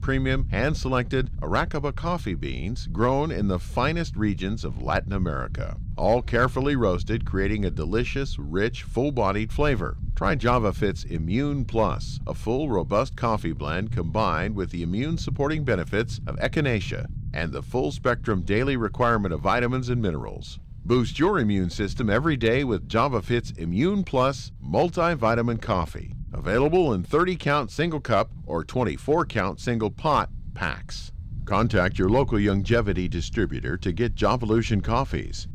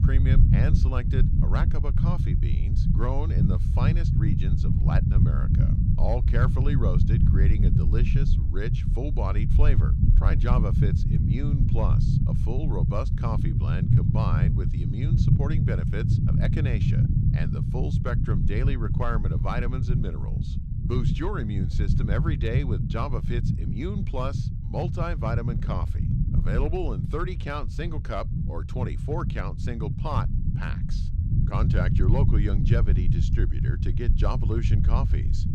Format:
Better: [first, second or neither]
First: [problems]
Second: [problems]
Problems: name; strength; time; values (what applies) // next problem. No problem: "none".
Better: first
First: low rumble; faint; throughout; 25 dB below the speech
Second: low rumble; loud; throughout; 2 dB below the speech